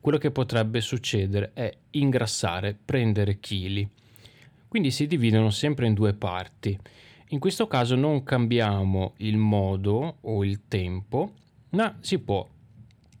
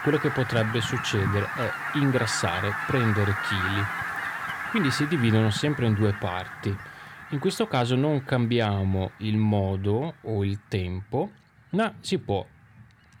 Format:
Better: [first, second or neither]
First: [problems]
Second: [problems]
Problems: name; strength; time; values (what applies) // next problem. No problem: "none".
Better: first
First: none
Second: animal sounds; loud; throughout; 4 dB below the speech